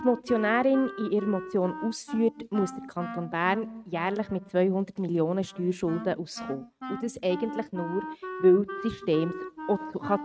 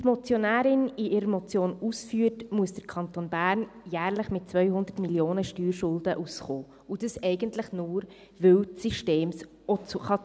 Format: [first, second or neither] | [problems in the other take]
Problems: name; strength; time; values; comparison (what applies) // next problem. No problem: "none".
second | noise reduction (neural mask model RNNoise)